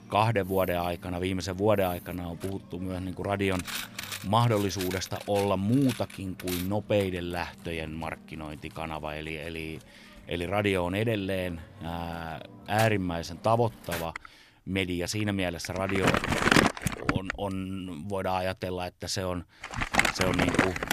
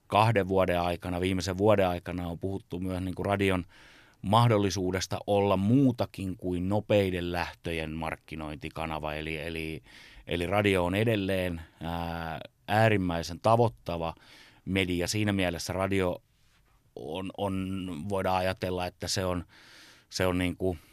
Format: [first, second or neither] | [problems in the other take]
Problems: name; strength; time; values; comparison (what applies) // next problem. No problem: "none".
second | household noises; loud; throughout; as loud as the speech